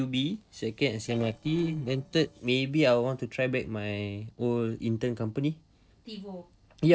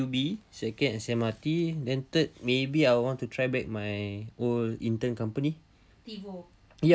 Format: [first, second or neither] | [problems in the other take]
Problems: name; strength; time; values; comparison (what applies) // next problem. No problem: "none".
second | noise reduction (neural separator model SepFormer DNS4)